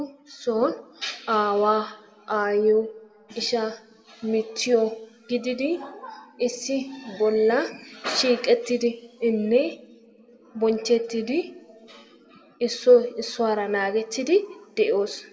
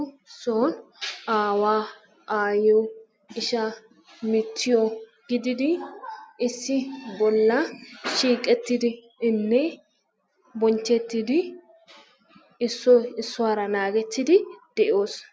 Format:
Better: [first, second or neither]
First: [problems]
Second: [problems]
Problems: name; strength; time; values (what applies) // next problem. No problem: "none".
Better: second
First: room echo; dies away in 1.4 s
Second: none